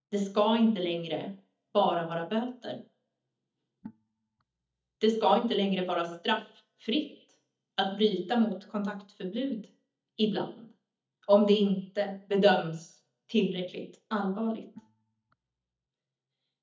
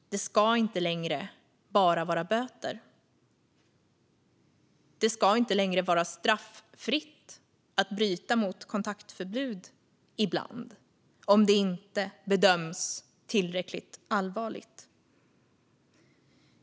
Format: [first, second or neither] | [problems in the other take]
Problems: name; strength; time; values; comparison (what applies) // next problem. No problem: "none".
second | noise reduction (neural mask model DeepFilterNet 3)